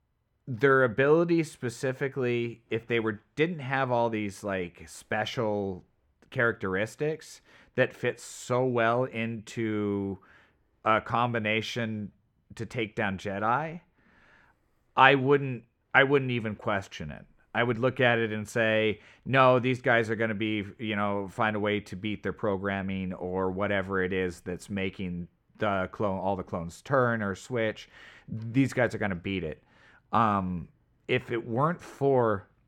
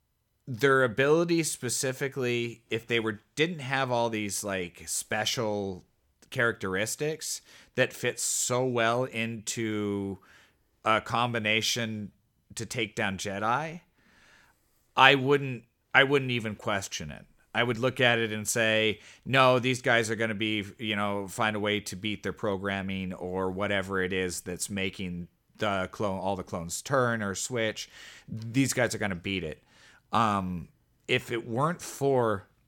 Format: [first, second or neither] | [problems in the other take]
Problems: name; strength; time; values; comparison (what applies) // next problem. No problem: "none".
second | muffled; slightly; fading above 3.5 kHz